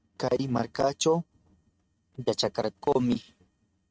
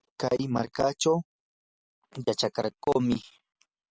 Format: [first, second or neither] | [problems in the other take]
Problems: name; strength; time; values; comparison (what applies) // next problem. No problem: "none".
second | noise reduction (neural mask model RNNoise)